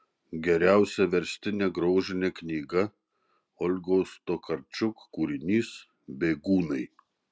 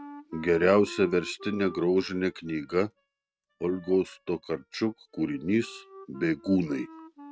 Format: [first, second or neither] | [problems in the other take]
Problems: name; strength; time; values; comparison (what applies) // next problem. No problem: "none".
first | noise reduction (neural mask model RNNoise)